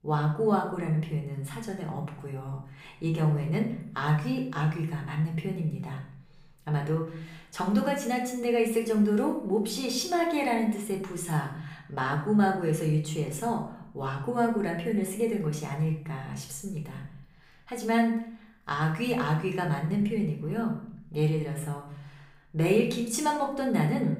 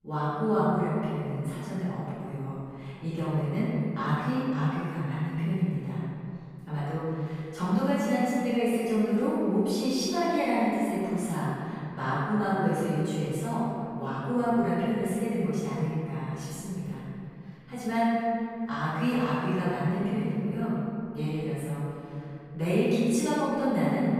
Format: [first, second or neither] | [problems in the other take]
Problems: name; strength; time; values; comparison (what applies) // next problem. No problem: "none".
first | room echo; strong; dies away in 2.6 s; slight in the first // off-mic speech; far; somewhat distant in the first